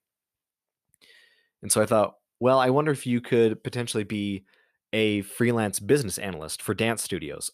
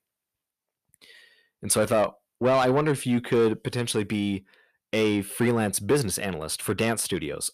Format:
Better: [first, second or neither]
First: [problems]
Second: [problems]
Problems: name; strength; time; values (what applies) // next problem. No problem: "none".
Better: first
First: none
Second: distortion; slight; 10 dB below the speech